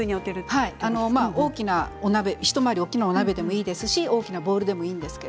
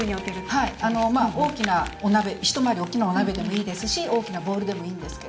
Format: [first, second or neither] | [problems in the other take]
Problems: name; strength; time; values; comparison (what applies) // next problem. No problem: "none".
first | background sound (Crumpling, crinkling); 16 dB below the speech // room echo; dies away in 0.6 s